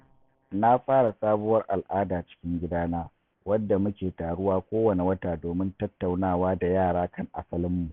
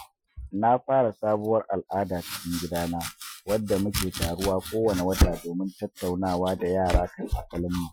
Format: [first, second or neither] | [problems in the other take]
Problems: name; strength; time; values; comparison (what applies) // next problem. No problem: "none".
first | noise reduction (classical method Wiener filter)